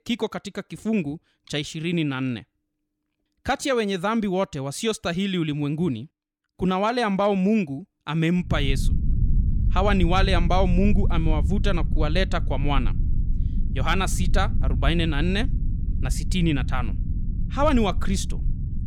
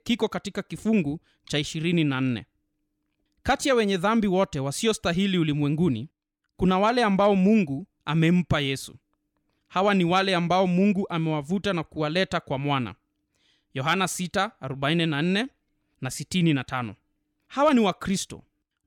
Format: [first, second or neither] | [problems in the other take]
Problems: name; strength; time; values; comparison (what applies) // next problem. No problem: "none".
second | low rumble; noticeable; from 8.5 s on; 15 dB below the speech